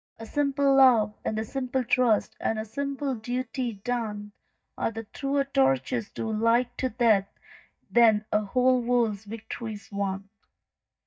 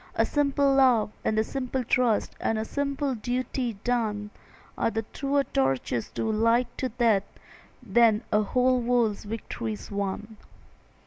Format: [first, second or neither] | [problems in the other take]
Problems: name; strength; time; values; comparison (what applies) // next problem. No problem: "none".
second | noise reduction (neural mask model DeepFilterNet 3)